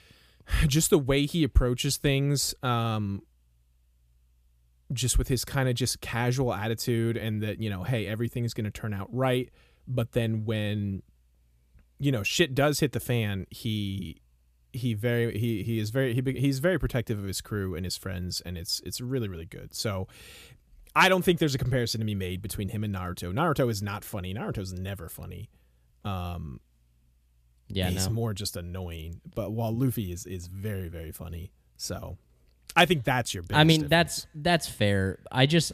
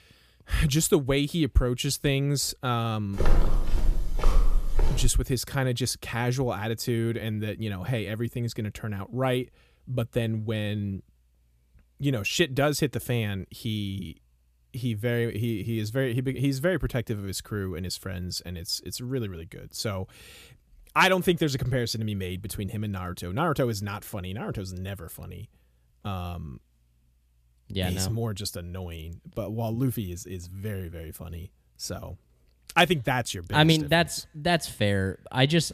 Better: first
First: none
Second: footsteps; loud; from 3 to 5 s; peak 1 dB above the speech

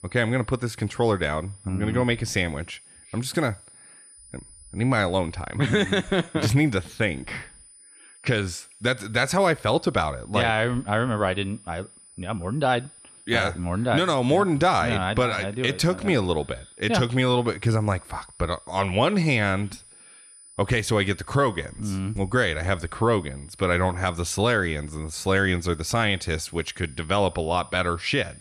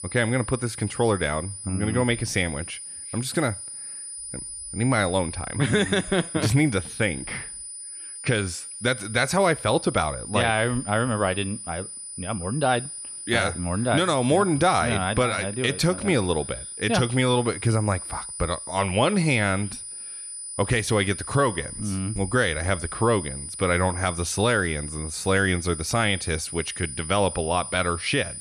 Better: first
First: high-pitched whine; faint; throughout; 9.5 kHz, 25 dB below the speech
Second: high-pitched whine; loud; throughout; 9.5 kHz, 9 dB below the speech

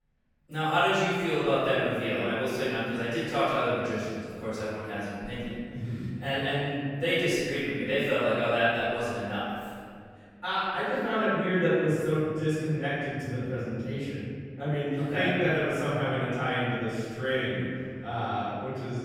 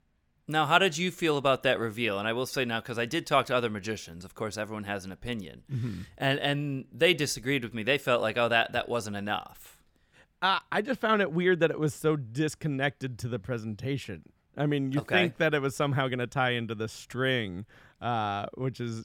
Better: second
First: off-mic speech; far // room echo; strong; dies away in 2.1 s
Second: none

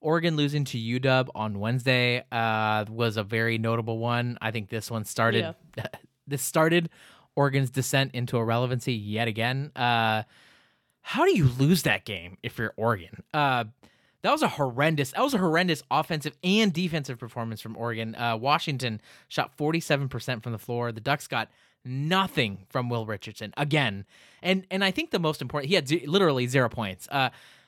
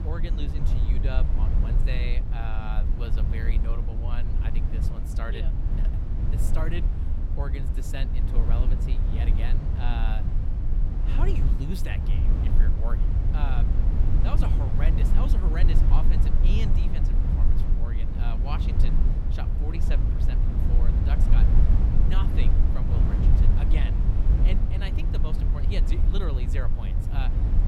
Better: first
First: none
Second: low rumble; loud; throughout; 1 dB below the speech

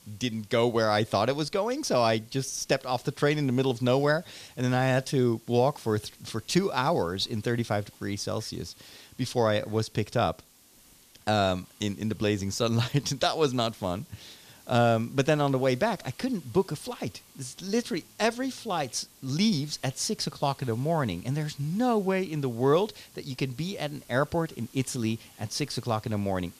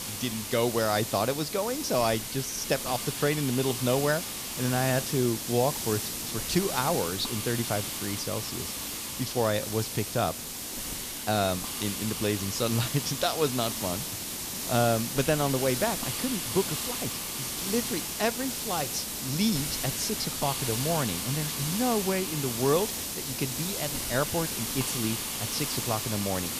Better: first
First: hiss; faint; throughout; 25 dB below the speech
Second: hiss; loud; throughout; 2 dB below the speech

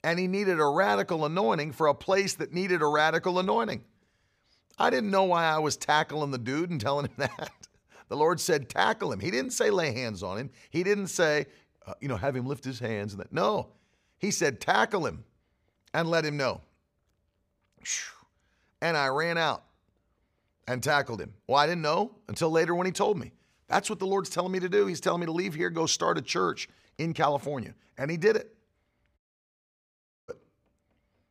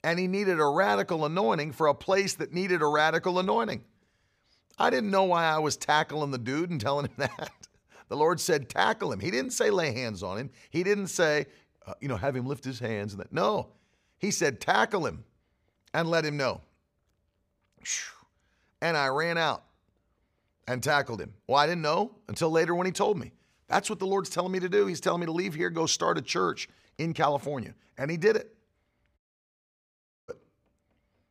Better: neither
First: audio cutting out; at 29 s for 1 s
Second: audio cutting out; at 29 s for 1 s

